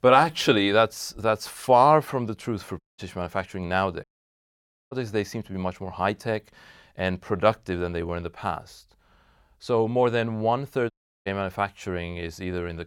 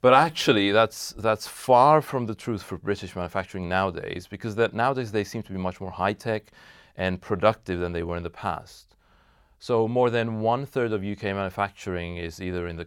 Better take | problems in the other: second | audio cutting out; at 3 s, at 4 s for 1 s and at 11 s

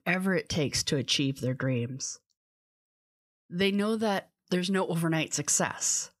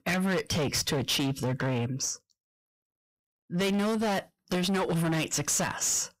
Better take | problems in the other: first | distortion; heavy; 24% of the sound clipped

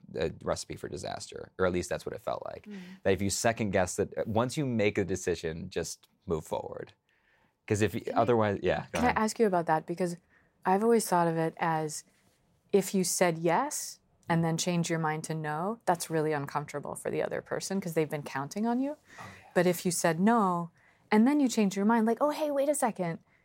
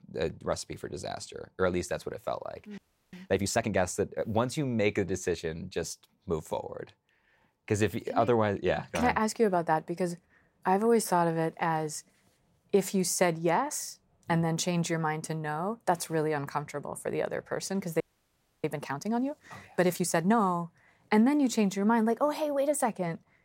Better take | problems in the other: first | audio freezing; at 3 s and at 18 s for 0.5 s

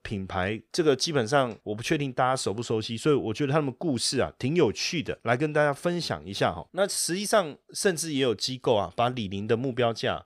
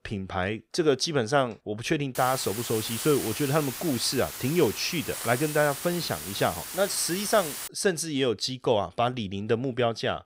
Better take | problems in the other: first | hiss; loud; from 2 to 7.5 s; 7 dB below the speech

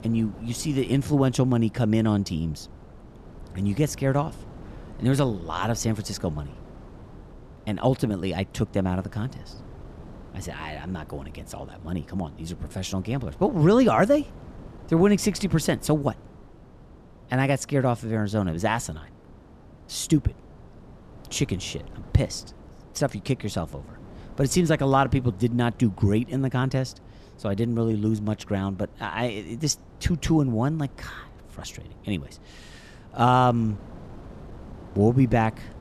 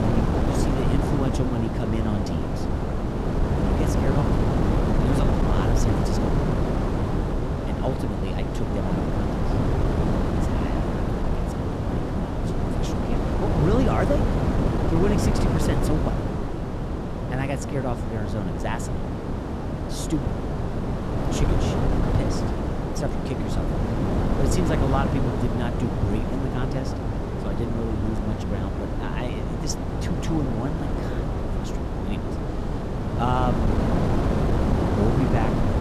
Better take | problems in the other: first | wind noise on the microphone; heavy; 2 dB above the speech; occasional gusts in the first

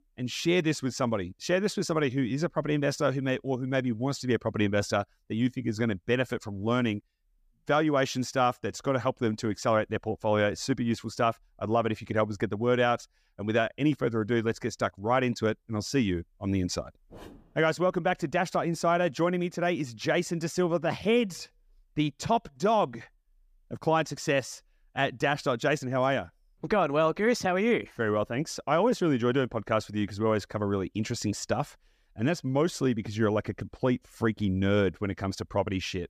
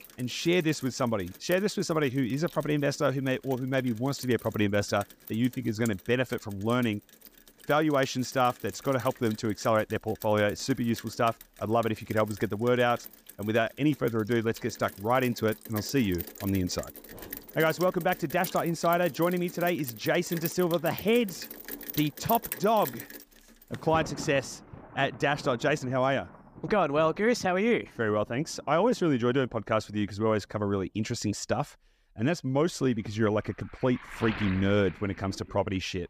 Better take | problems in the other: first | rain or running water; noticeable; throughout; 15 dB below the speech

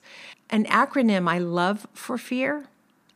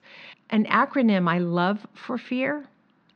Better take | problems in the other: first | muffled; very slightly; fading above 4 kHz

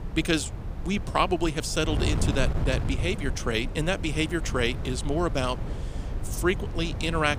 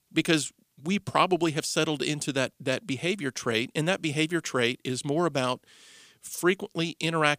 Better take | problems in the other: second | wind noise on the microphone; occasional gusts; 15 dB below the speech

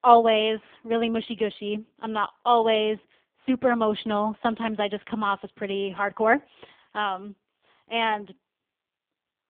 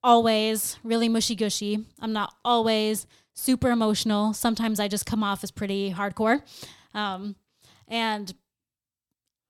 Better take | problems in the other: second | phone-call audio; poor line; nothing above 3.5 kHz

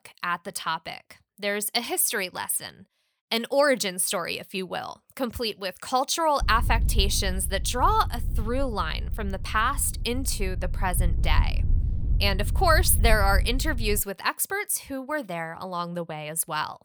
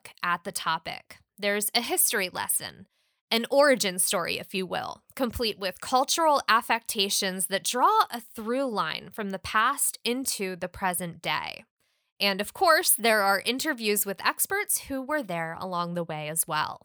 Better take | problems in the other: second | wind noise on the microphone; occasional gusts; from 6.5 to 14 s; 20 dB below the speech

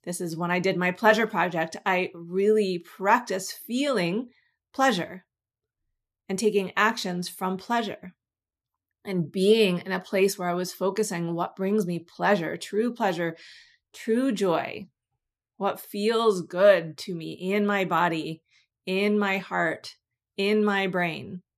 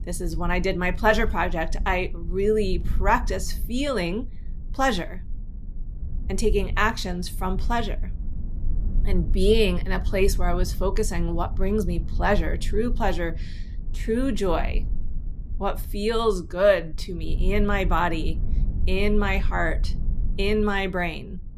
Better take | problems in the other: first | low rumble; faint; throughout; 25 dB below the speech

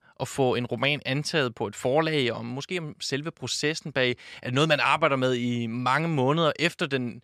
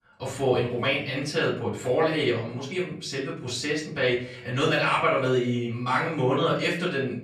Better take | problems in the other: first | off-mic speech; far // room echo; noticeable; dies away in 0.5 s

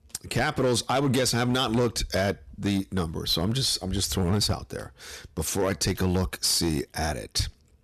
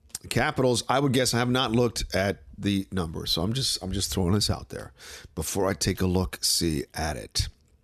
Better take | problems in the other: second | distortion; slight; 8% of the sound clipped

